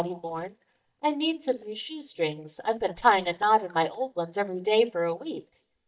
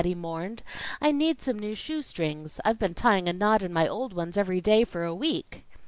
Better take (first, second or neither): second